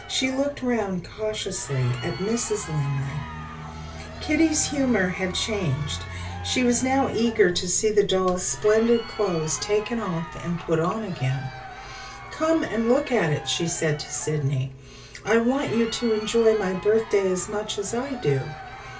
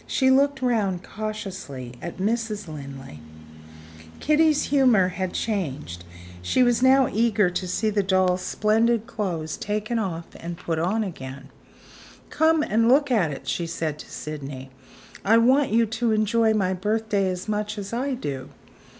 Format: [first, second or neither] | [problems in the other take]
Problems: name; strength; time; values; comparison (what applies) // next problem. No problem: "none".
second | background sound (Crowd); 16 dB below the speech // room echo; dies away in 0.2 s